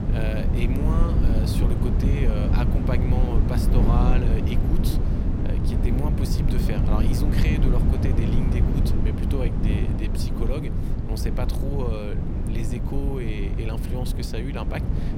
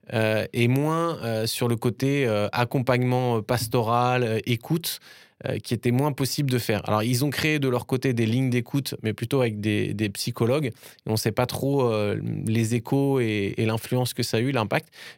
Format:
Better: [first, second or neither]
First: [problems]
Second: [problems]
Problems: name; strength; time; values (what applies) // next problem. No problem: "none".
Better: second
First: wind noise on the microphone; heavy; as loud as the speech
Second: none